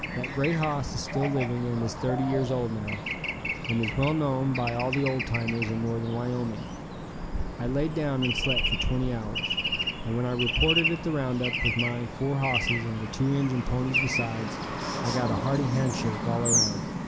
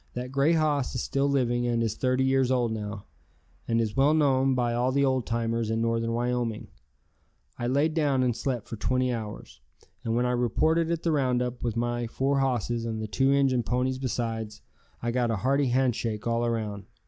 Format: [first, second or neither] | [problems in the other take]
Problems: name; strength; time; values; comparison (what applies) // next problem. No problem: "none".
second | background sound (Traffic noise, roadway noise / Bird); 2 dB below the speech